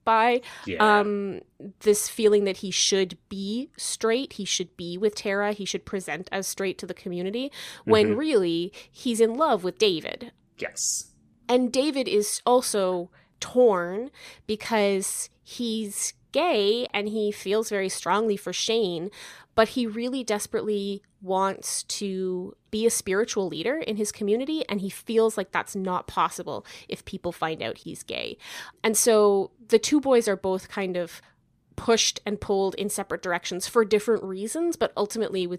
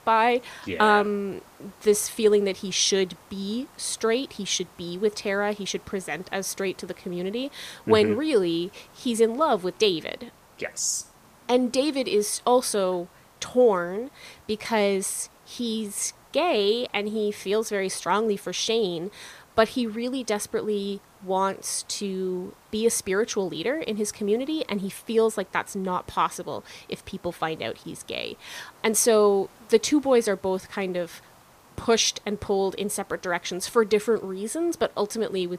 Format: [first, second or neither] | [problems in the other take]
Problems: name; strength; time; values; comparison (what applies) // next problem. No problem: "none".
first | hiss; faint; throughout; 30 dB below the speech